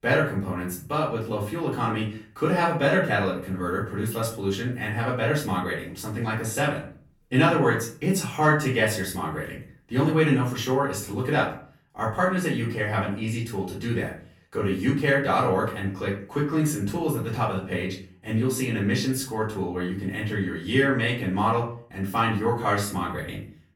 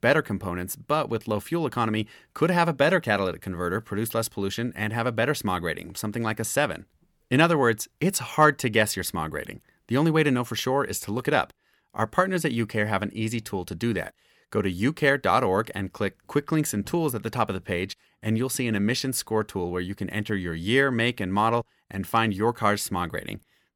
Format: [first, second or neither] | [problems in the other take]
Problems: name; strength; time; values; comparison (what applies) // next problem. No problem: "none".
second | off-mic speech; far // room echo; noticeable; dies away in 0.4 s